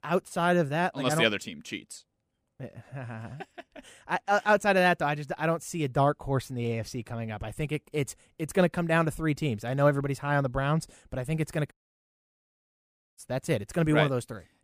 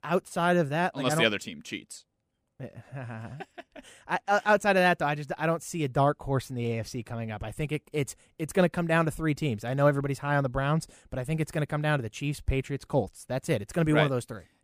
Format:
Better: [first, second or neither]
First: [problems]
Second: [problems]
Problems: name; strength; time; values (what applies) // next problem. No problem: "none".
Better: second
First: audio cutting out; at 12 s for 1.5 s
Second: none